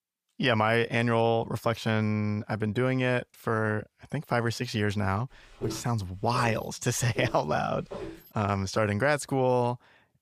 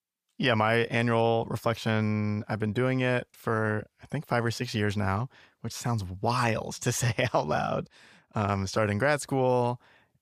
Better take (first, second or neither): second